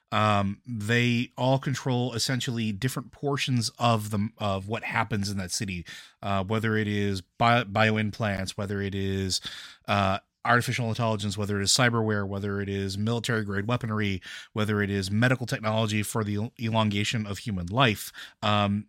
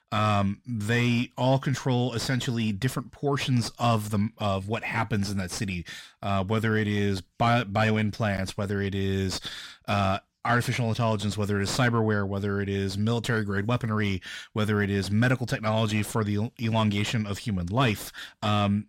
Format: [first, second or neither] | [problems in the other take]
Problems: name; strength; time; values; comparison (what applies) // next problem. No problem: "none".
first | distortion; slight; 10 dB below the speech